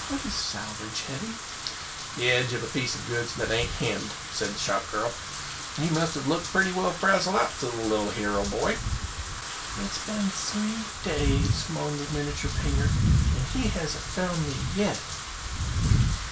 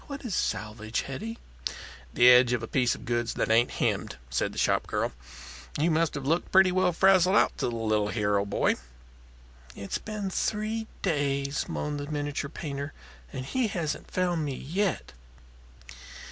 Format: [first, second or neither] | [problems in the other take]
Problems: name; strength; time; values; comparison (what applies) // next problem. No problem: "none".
second | background sound (Wind / Rain); 1 dB below the speech // room echo; dies away in 0.3 s